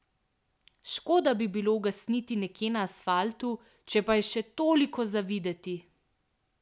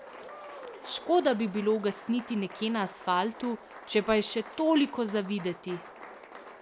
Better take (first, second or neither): first